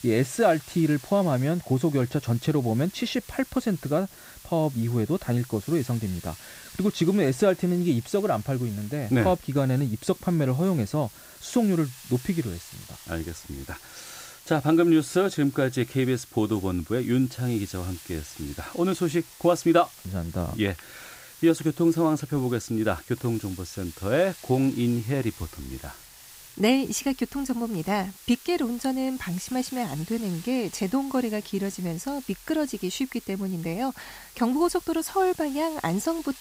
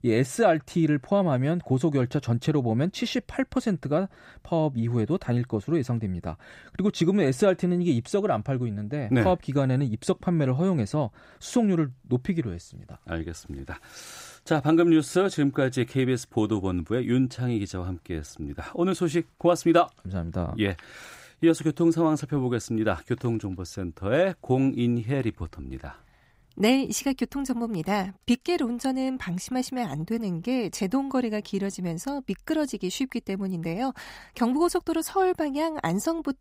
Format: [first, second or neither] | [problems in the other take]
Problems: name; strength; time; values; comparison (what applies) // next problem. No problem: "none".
second | hiss; noticeable; throughout; 20 dB below the speech